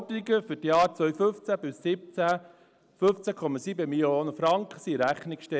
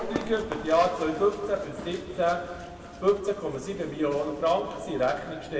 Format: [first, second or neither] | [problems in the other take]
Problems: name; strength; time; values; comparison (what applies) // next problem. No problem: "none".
first | background sound (Run); 14 dB below the speech // room echo; dies away in 2.2 s